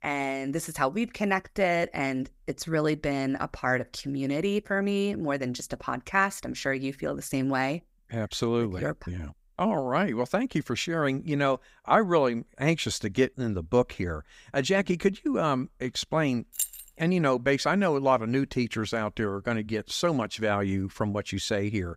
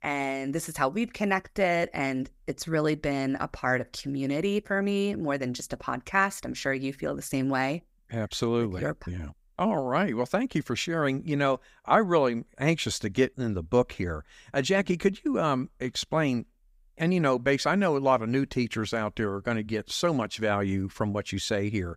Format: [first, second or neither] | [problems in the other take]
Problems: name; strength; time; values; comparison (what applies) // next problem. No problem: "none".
second | jangling keys; noticeable; at 17 s; peak 3 dB below the speech